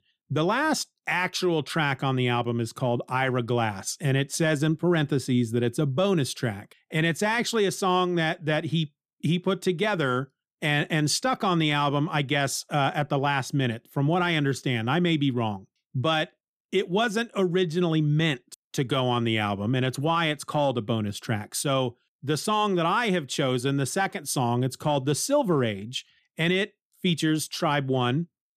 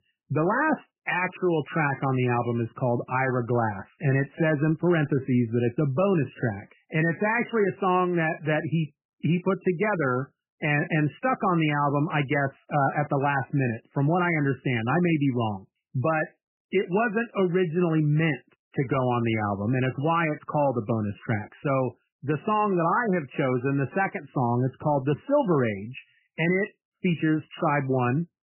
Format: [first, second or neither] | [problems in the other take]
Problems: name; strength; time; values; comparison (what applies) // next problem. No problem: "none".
first | garbled, watery; badly; nothing above 3 kHz